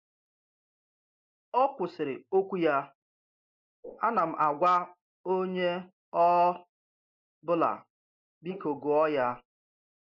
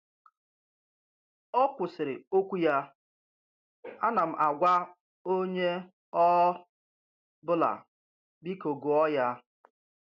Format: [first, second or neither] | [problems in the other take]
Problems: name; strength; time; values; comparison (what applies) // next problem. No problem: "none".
second | noise reduction (neural mask model Resemble Enhance denoiser)